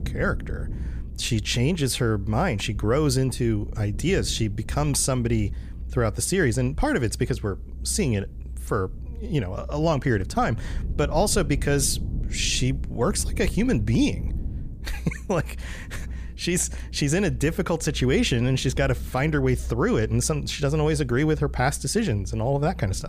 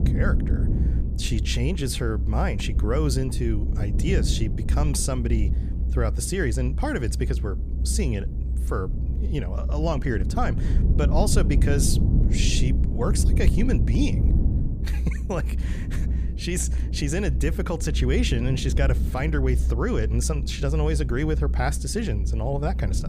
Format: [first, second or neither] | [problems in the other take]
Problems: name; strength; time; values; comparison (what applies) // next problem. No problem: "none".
first | low rumble; loud; throughout; 9 dB below the speech; faint in the first